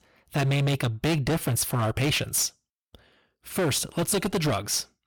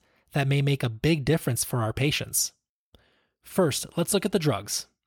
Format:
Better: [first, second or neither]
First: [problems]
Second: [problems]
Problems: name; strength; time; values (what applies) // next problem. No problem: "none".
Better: second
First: distortion; heavy; 17% of the sound clipped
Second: none